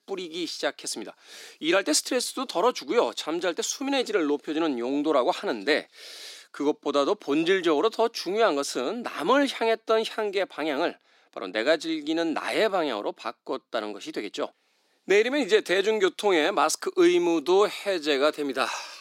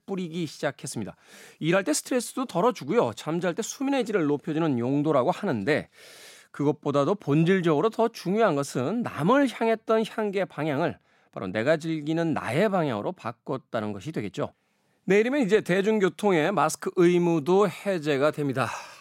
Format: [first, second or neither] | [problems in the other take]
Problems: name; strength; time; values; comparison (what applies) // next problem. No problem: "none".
second | thin; very slightly; fading below 300 Hz